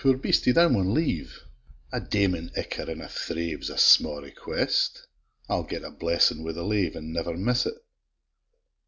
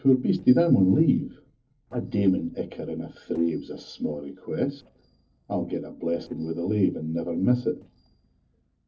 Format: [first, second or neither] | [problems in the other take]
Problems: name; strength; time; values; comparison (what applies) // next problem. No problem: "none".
first | noise reduction (neural separator model SepFormer DNS4)